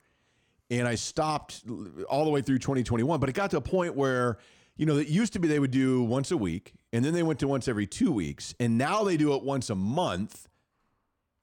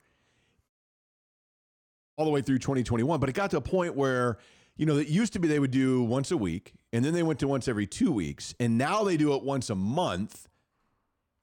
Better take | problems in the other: first | audio cutting out; at 0.5 s for 1.5 s

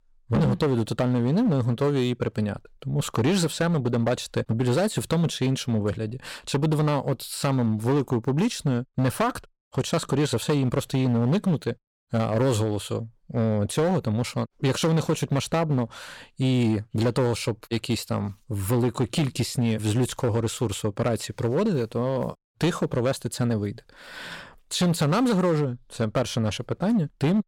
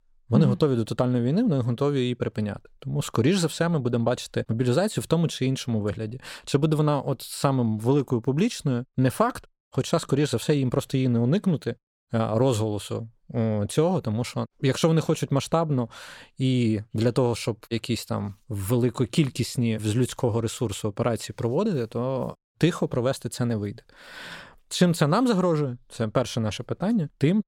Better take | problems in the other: second | distortion; slight; 10% of the sound clipped

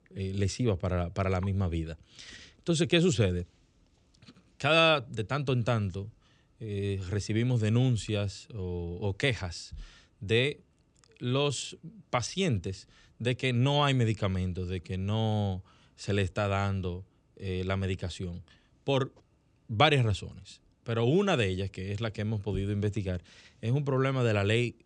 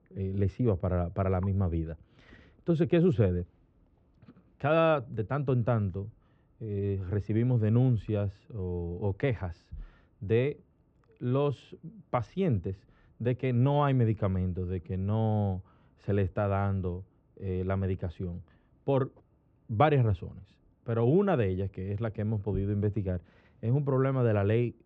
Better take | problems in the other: first | muffled; very; fading above 3.5 kHz

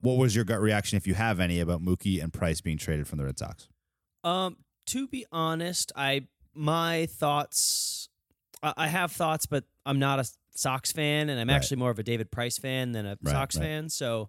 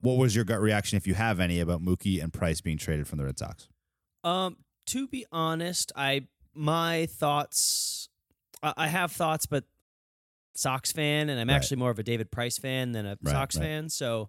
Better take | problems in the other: first | audio cutting out; at 10 s for 0.5 s

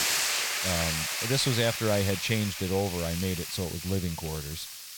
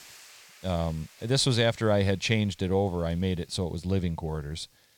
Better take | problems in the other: second | hiss; loud; throughout; 1 dB below the speech; faint in the second

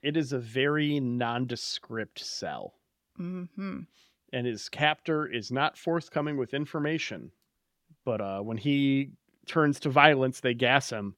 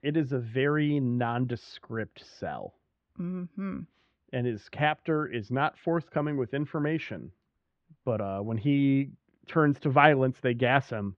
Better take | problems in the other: first | muffled; very; fading above 2 kHz

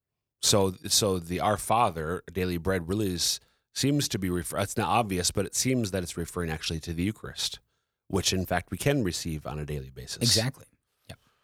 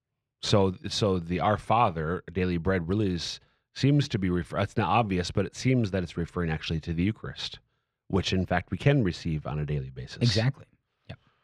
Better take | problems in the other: first | muffled; slightly; fading above 3 kHz

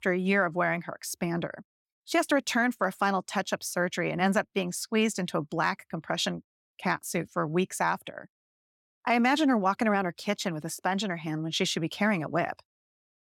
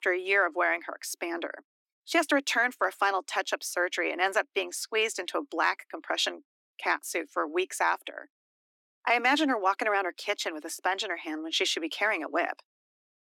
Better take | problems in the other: first | thin; somewhat; fading below 300 Hz

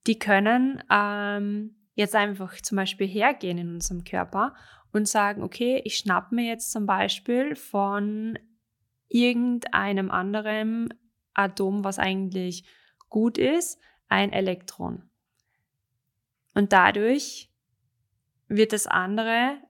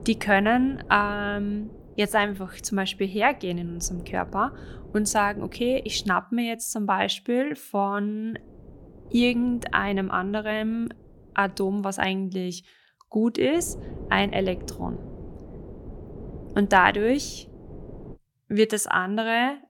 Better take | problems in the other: first | wind noise on the microphone; occasional gusts; until 6 s, from 8.5 to 12 s and from 14 to 18 s; 25 dB below the speech

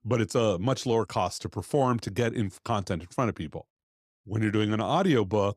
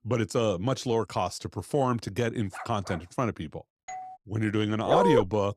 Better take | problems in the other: first | dog barking; faint; at 2.5 s; peak 10 dB below the speech // doorbell; faint; at 4 s; peak 10 dB below the speech // dog barking; loud; at 5 s; peak 5 dB above the speech

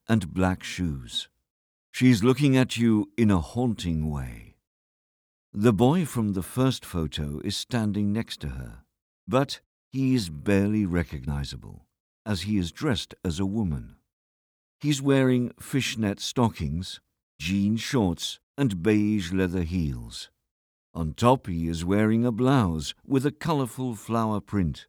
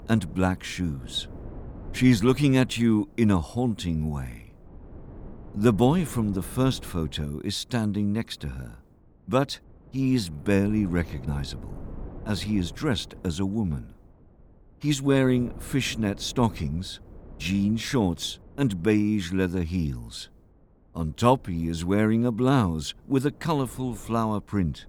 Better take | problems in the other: first | wind noise on the microphone; occasional gusts; 20 dB below the speech

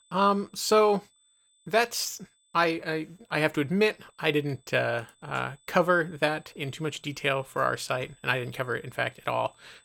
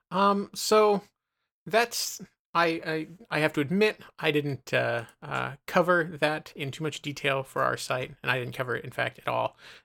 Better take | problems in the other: second | high-pitched whine; faint; throughout; 8 kHz, 35 dB below the speech

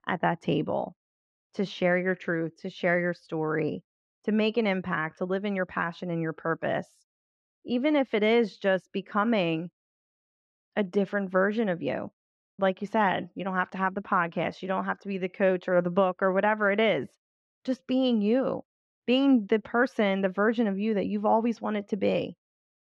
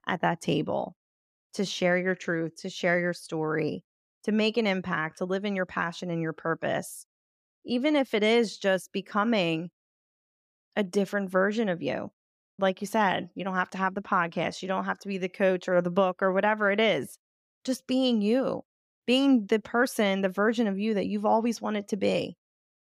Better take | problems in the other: second | muffled; slightly; fading above 3 kHz

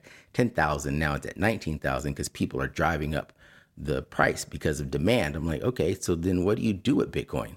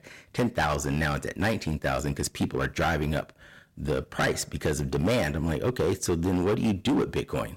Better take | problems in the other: first | distortion; heavy; 11% of the sound clipped

